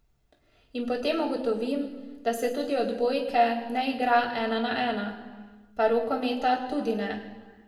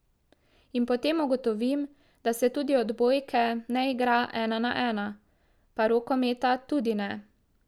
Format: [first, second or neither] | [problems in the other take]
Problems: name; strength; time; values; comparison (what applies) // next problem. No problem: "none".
second | room echo; dies away in 1.1 s